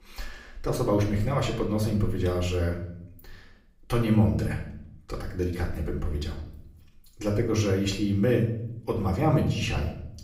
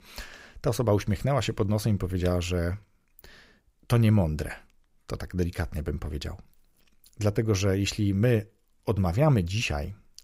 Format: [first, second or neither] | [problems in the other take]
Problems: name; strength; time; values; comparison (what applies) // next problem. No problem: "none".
second | off-mic speech; far // room echo; slight; dies away in 0.6 s